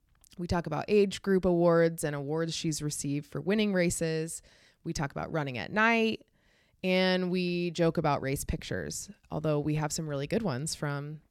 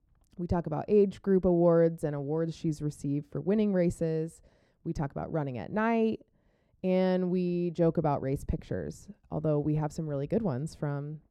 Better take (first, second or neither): first